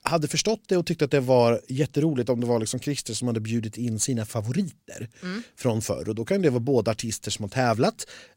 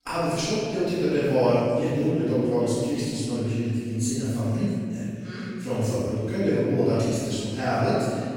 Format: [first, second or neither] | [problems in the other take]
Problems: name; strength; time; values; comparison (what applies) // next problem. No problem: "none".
first | off-mic speech; far // room echo; strong; dies away in 2.2 s